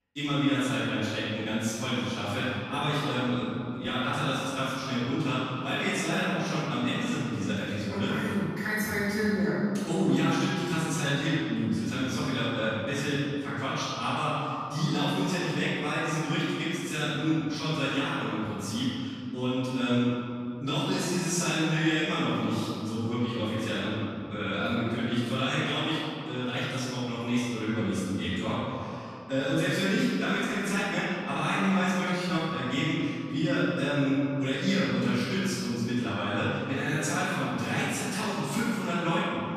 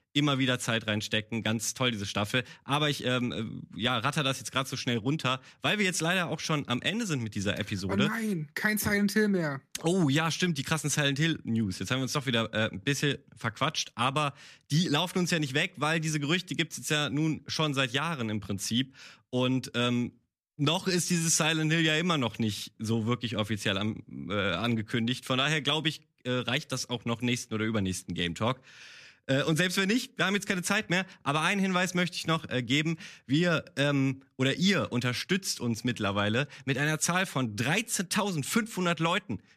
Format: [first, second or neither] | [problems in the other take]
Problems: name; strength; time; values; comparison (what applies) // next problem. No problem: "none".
second | room echo; strong; dies away in 2.4 s // off-mic speech; far